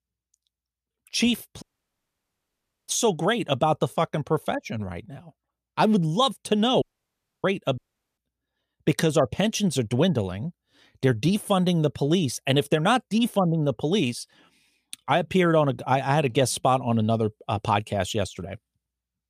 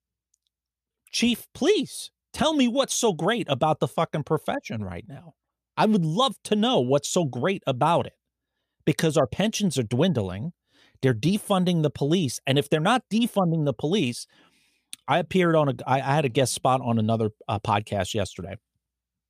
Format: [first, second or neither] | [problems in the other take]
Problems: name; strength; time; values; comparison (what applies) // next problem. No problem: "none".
second | audio cutting out; at 1.5 s for 1.5 s, at 7 s for 0.5 s and at 8 s